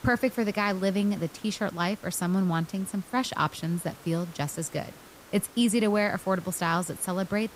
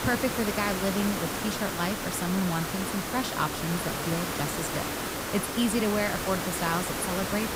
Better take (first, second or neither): first